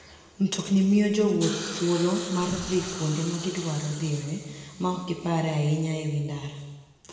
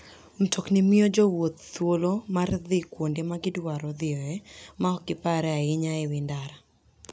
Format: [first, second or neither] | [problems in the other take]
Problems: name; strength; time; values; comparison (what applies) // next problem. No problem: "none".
second | background sound (Hiss); 14 dB below the speech // room echo; dies away in 1.3 s